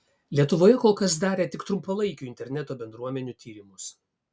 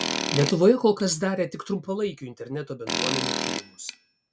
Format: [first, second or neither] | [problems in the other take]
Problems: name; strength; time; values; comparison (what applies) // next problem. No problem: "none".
first | background sound (Tools); 6 dB below the speech